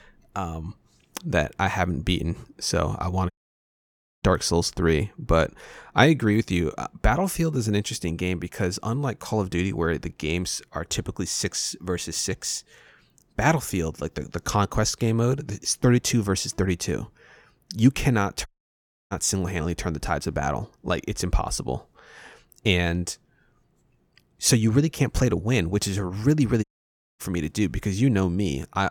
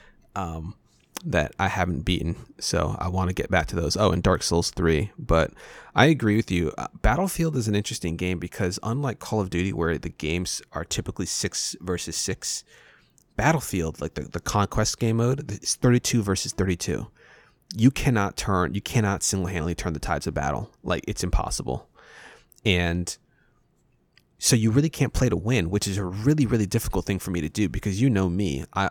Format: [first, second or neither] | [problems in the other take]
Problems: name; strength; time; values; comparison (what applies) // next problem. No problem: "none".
second | audio cutting out; at 3.5 s for 1 s, at 18 s for 0.5 s and at 27 s for 0.5 s